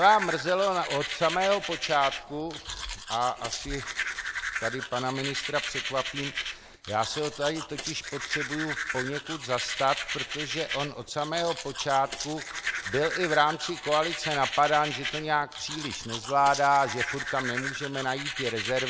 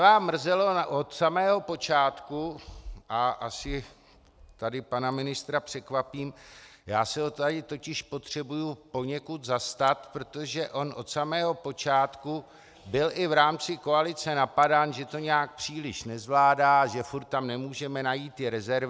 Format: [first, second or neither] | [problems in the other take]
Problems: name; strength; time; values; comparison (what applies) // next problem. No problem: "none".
second | background sound (Domestic sounds, home sounds); 6 dB below the speech